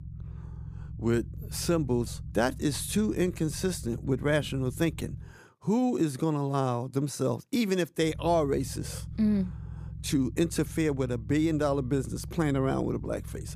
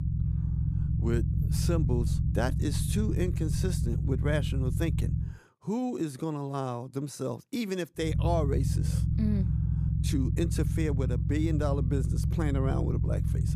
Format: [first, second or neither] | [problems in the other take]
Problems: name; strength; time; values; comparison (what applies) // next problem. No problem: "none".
first | low rumble; loud; until 5.5 s and from 8 s on; 6 dB below the speech; faint in the first